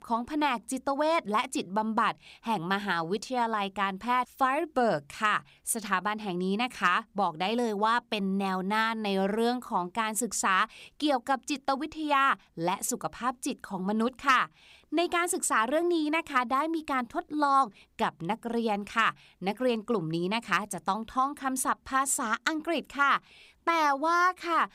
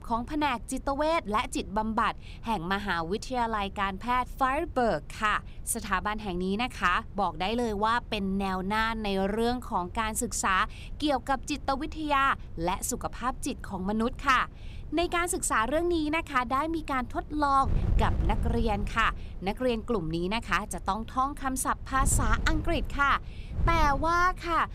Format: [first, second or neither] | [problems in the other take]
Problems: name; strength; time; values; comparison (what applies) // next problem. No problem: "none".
first | wind noise on the microphone; occasional gusts; 25 dB below the speech